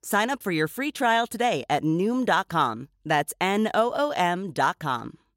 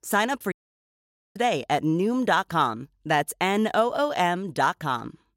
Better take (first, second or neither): first